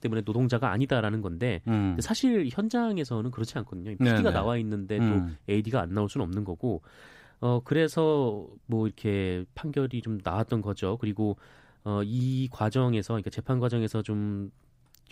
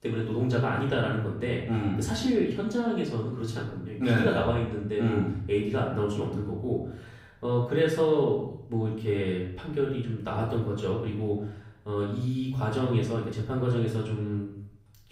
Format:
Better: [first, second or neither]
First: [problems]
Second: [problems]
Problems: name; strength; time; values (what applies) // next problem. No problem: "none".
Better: first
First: none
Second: room echo; noticeable; dies away in 0.6 s // off-mic speech; far